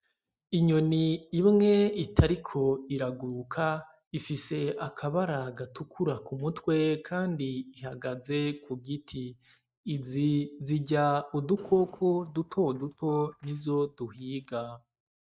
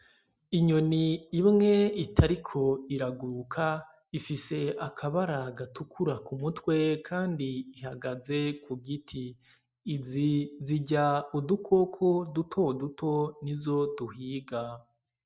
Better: second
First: noise reduction (neural mask model DeepFilterNet 3)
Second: none

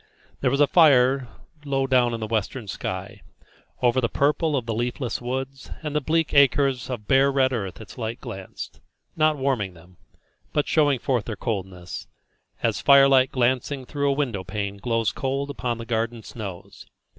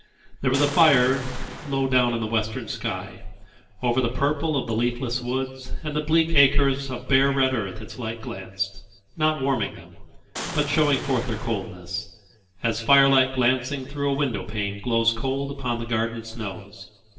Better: first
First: none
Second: background sound (Boom); 10 dB below the speech // room echo; dies away in 0.9 s

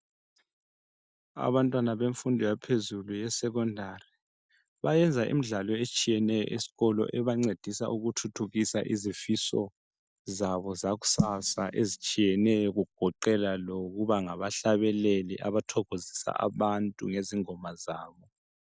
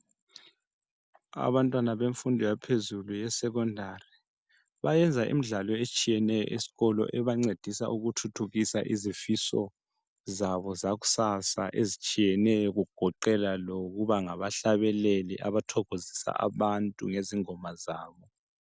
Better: second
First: noise reduction (neural mask model DeepFilterNet 3)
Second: none

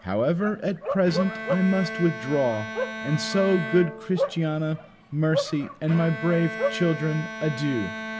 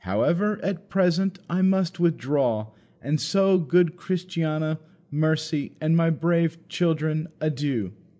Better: second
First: background sound (Bowed string instrument + Bark); 7 dB below the speech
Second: none

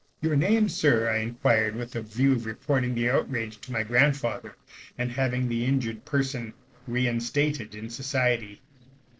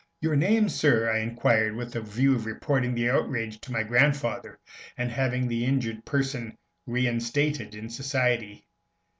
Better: second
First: noise reduction (neural separator model SepFormer DNS4)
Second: none

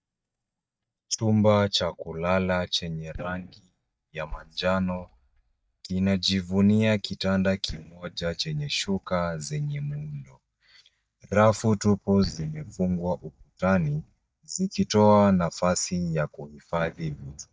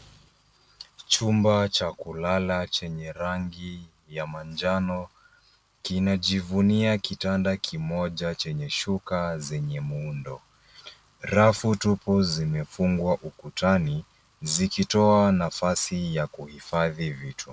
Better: second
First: noise reduction (neural mask model DeepFilterNet 3)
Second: none

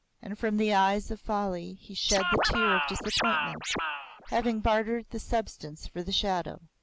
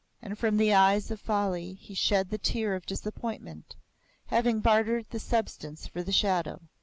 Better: second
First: background sound (Scratching (performance technique)); as loud as the speech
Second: none

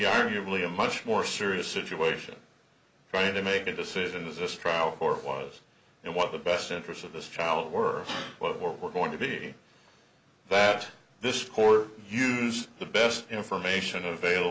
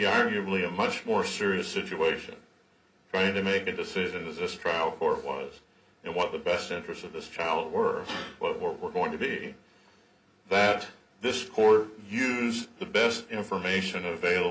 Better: first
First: none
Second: room echo; dies away in 0.3 s

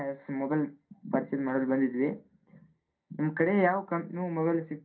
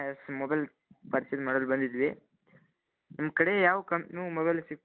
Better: second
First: room echo; dies away in 0.3 s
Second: none

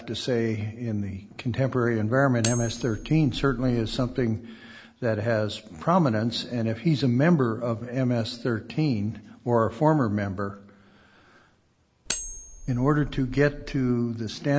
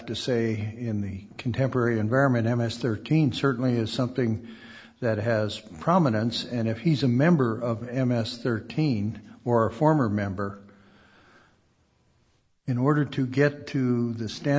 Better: second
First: background sound (Cutlery, silverware); 11 dB below the speech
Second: none

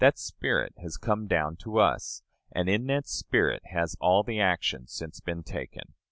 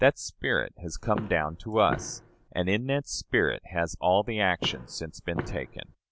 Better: first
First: none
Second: background sound (Walk, footsteps); 11 dB below the speech

